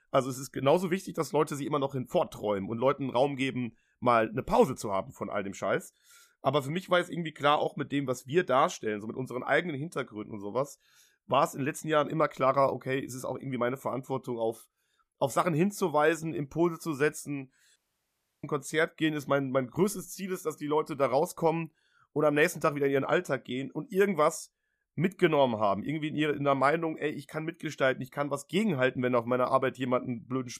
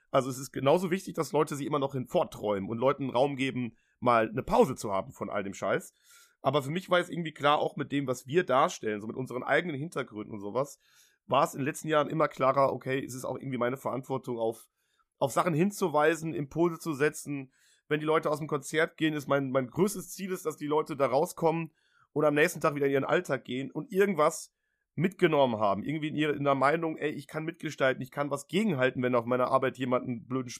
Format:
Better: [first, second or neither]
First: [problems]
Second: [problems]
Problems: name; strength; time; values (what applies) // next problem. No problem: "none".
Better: second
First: audio cutting out; at 18 s for 0.5 s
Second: none